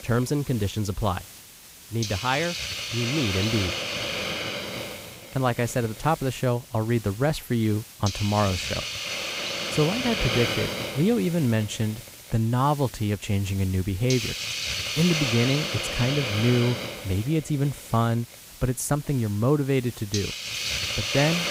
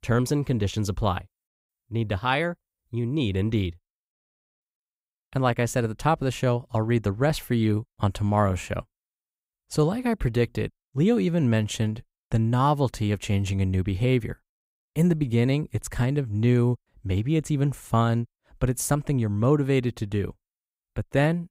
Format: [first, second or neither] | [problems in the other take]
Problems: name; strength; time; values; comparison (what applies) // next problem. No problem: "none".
second | hiss; loud; throughout; 2 dB below the speech